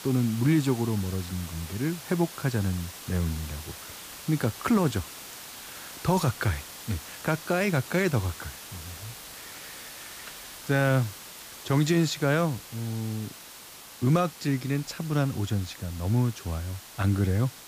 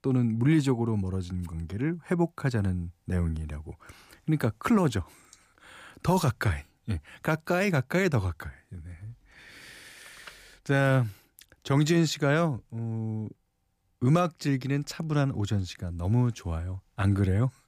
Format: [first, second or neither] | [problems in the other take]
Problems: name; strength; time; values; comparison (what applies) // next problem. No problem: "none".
second | hiss; noticeable; throughout; 15 dB below the speech